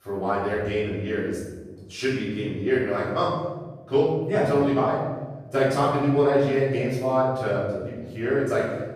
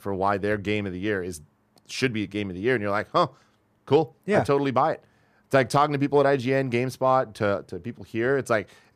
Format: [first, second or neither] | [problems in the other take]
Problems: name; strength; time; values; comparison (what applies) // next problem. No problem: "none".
second | off-mic speech; far // room echo; strong; dies away in 1.3 s